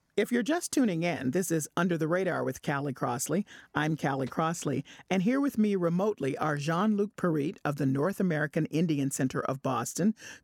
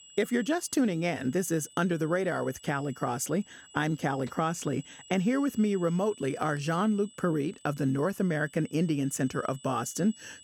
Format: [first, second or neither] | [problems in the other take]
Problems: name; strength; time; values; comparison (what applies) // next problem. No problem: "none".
first | high-pitched whine; faint; throughout; 8 kHz, 20 dB below the speech